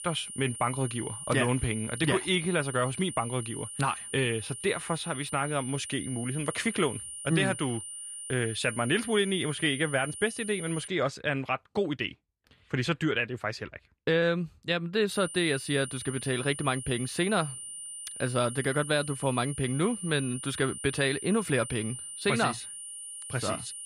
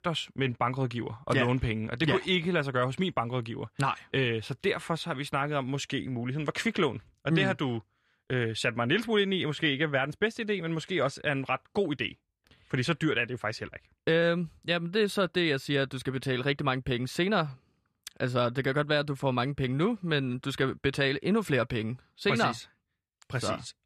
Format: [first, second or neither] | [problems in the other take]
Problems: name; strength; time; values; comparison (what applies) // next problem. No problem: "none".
second | high-pitched whine; loud; until 11 s and from 15 s on; 9 kHz, 8 dB below the speech